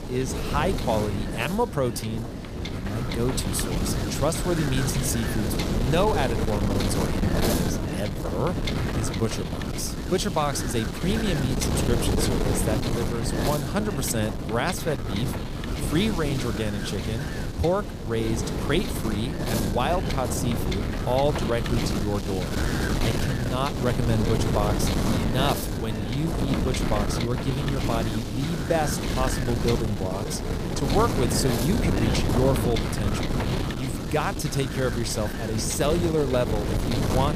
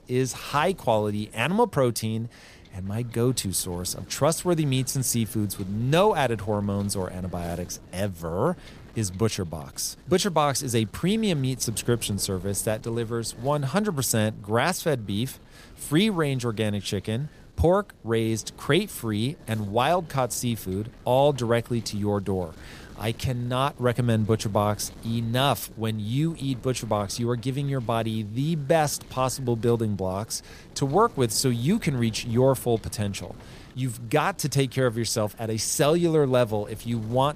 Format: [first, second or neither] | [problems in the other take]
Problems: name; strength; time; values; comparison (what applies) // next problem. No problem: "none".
second | wind noise on the microphone; heavy; 2 dB below the speech; occasional gusts in the second